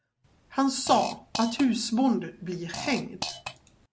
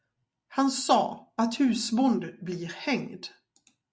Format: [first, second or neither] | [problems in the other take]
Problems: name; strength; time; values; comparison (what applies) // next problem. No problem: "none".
second | background sound (Fart); 12 dB below the speech